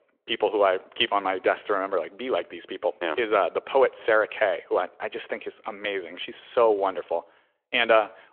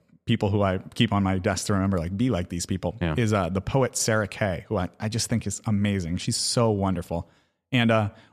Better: second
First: phone-call audio; nothing above 3.5 kHz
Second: none

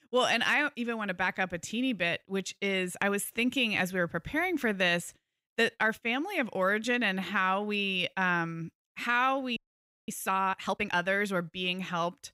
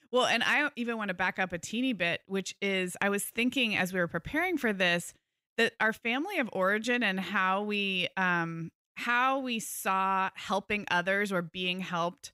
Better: second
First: audio freezing; at 9.5 s for 0.5 s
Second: none

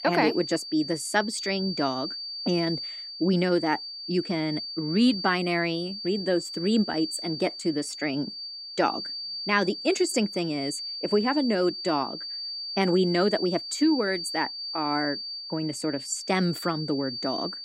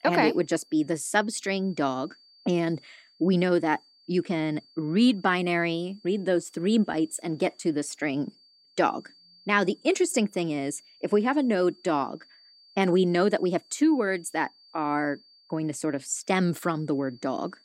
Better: second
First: high-pitched whine; loud; throughout; 4.5 kHz, 7 dB below the speech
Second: high-pitched whine; faint; throughout; 4.5 kHz, 30 dB below the speech

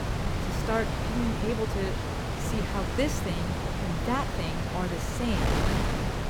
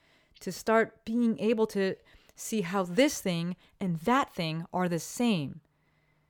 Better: second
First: wind noise on the microphone; heavy; 1 dB above the speech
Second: none

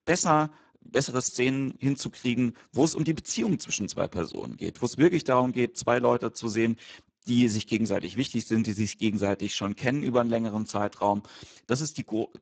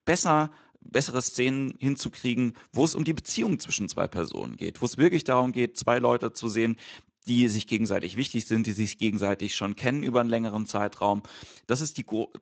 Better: second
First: garbled, watery; badly; nothing above 7.5 kHz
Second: garbled, watery; slightly; nothing above 7.5 kHz

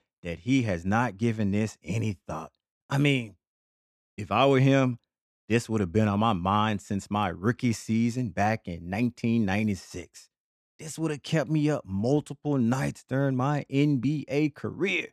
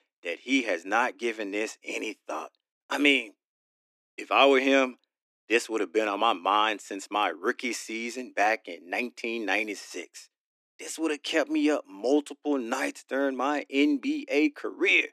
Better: first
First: none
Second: thin; somewhat; fading below 300 Hz

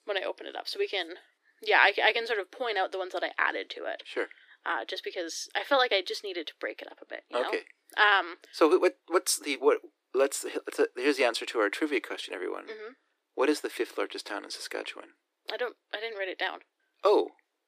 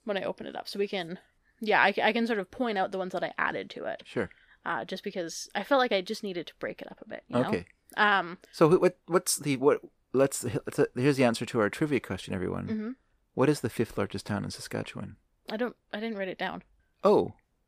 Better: second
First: thin; somewhat; fading below 300 Hz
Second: none

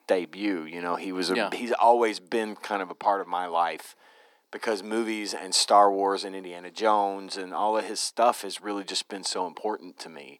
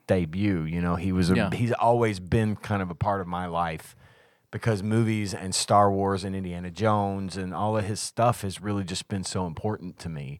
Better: second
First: thin; somewhat; fading below 250 Hz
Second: none

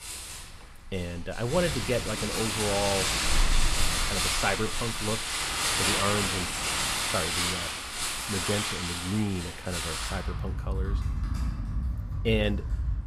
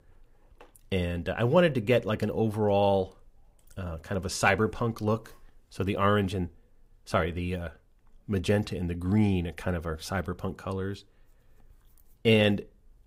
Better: second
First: household noises; very loud; throughout; 3 dB above the speech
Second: none

